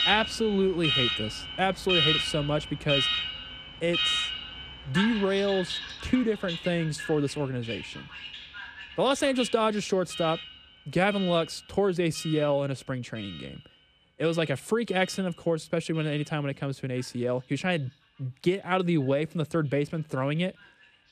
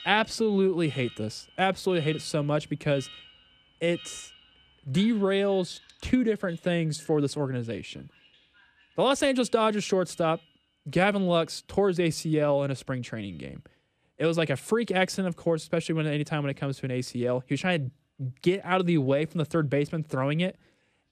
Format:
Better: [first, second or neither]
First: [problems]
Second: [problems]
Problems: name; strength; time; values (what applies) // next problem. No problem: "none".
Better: second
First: alarms or sirens; loud; throughout; 3 dB below the speech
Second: alarms or sirens; faint; throughout; 20 dB below the speech